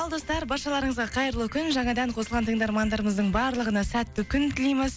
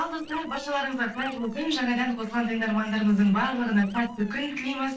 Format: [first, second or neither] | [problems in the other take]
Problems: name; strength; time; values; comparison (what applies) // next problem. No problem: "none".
first | noise reduction (neural separator model SepFormer DNS4)